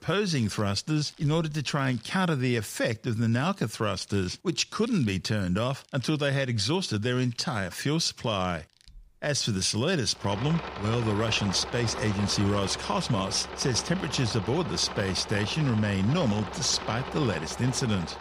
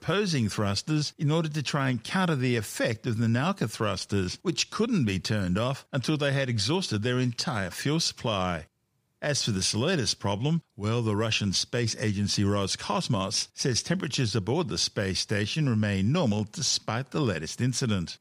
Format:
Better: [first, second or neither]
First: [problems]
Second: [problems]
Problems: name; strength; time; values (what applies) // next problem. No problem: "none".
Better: second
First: machinery noise; noticeable; throughout; 10 dB below the speech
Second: none